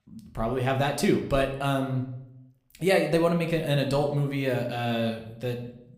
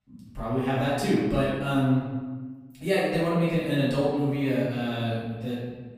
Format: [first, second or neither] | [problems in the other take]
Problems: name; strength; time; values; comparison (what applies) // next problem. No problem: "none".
first | room echo; strong; dies away in 1.3 s; slight in the first // off-mic speech; far